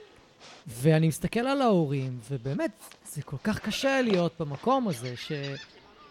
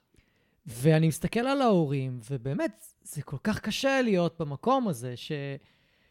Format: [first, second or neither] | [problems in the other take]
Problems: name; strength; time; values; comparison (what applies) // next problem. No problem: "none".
second | animal sounds; noticeable; throughout; 15 dB below the speech